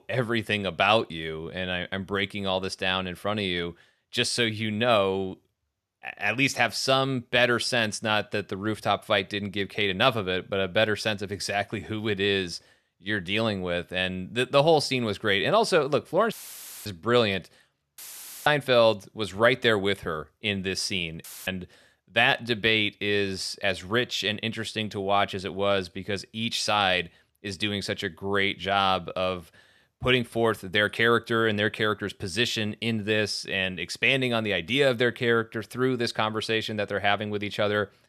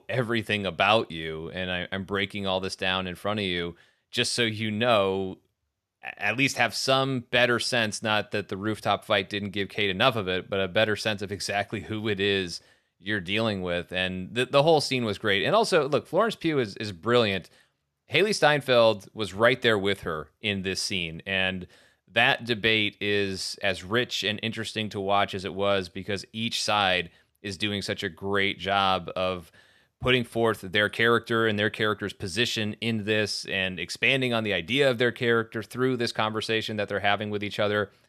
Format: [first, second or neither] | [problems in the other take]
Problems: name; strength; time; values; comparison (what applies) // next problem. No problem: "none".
second | audio cutting out; filled with static; at 16 s for 0.5 s, at 18 s and at 21 s